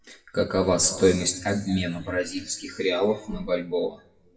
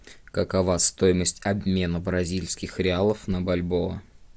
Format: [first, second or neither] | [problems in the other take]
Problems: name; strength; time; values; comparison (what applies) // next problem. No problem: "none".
second | noise reduction (classical method WPE with log-MMSE)